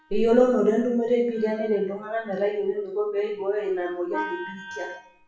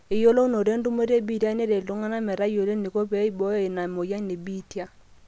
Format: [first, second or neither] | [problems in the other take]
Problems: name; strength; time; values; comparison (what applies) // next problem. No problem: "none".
second | noise reduction (classical method WPE with log-MMSE)